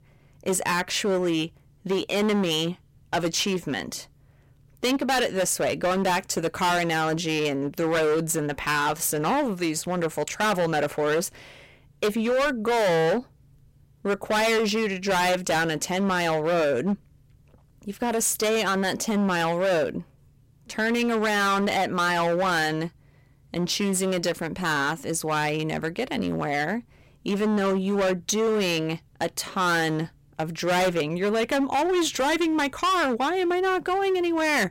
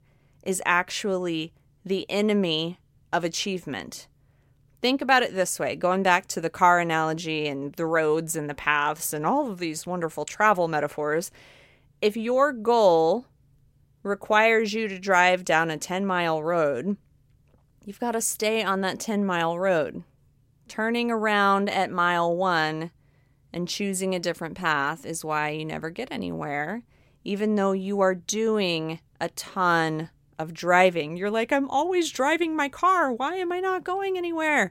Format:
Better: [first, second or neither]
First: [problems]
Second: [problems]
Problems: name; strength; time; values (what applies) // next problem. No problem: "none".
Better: second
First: distortion; heavy; 18% of the sound clipped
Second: none